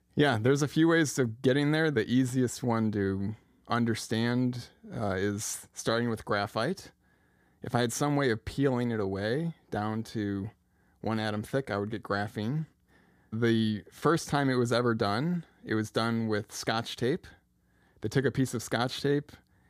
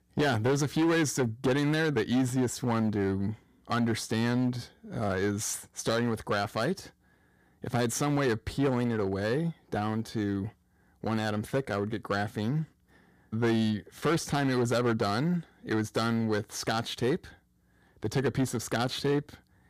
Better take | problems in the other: first | distortion; slight; 7% of the sound clipped

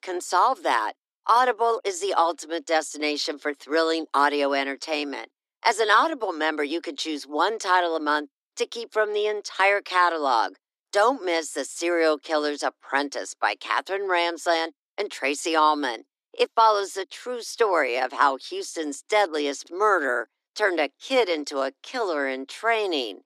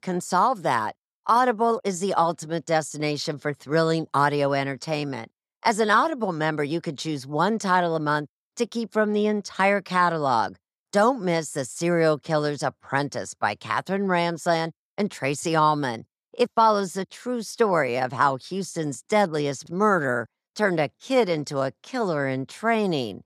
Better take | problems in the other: second | thin; somewhat; fading below 300 Hz

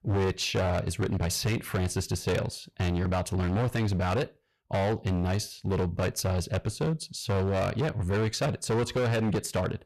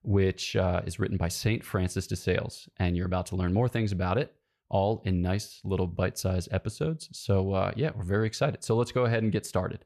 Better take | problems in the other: second | distortion; heavy; 23% of the sound clipped

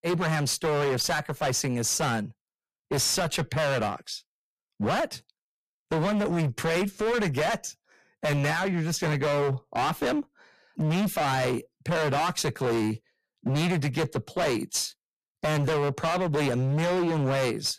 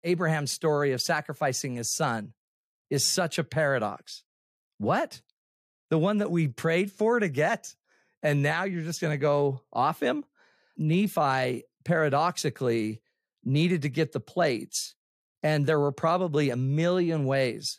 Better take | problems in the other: second | distortion; heavy; 27% of the sound clipped

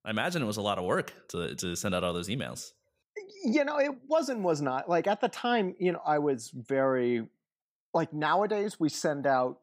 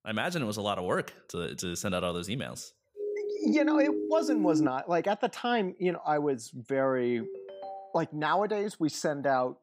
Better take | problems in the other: first | siren; loud; from 3 to 4.5 s; peak 4 dB above the speech // phone ringing; faint; at 7 s; peak 10 dB below the speech

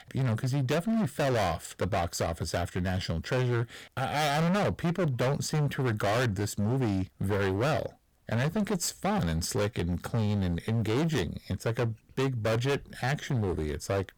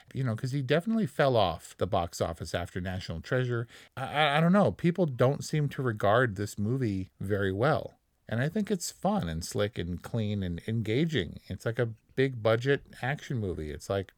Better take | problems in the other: second | distortion; heavy; 26% of the sound clipped

